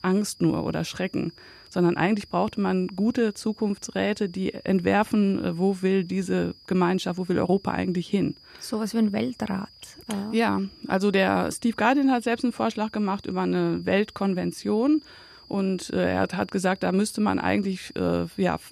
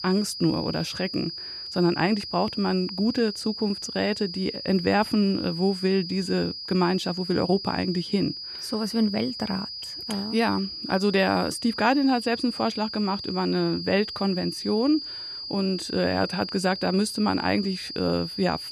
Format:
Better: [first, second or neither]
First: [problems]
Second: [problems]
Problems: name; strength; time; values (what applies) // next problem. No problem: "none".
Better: first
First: high-pitched whine; faint; throughout; 5 kHz, 25 dB below the speech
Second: high-pitched whine; loud; throughout; 5 kHz, 8 dB below the speech